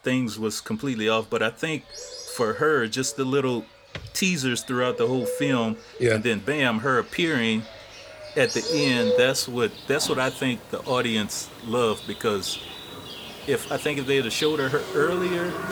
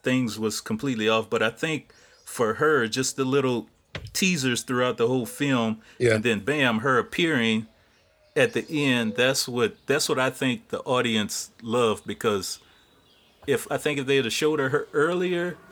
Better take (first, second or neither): second